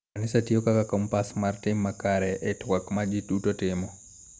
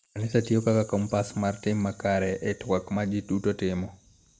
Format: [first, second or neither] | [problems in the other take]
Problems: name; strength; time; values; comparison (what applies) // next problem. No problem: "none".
first | noise reduction (neural mask model Resemble Enhance denoiser)